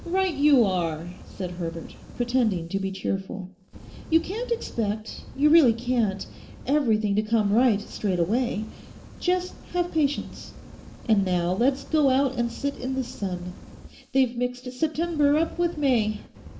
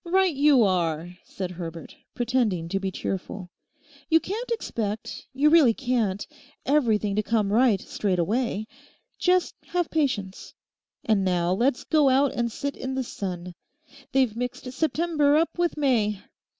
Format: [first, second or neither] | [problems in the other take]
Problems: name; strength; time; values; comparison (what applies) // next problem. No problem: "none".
second | background sound (Fire); 17 dB below the speech // room echo; dies away in 0.5 s